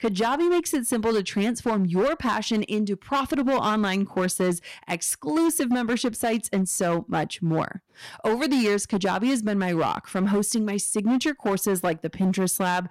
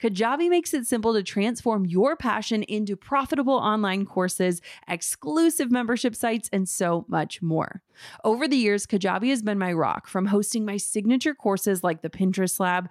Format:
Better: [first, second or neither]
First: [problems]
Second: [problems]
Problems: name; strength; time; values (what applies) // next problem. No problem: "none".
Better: second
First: distortion; slight; 12% of the sound clipped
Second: none